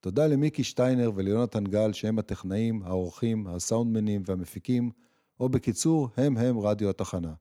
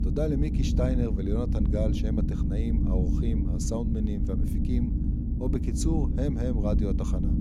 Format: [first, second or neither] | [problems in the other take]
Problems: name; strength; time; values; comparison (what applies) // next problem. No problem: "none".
first | low rumble; loud; throughout; 3 dB below the speech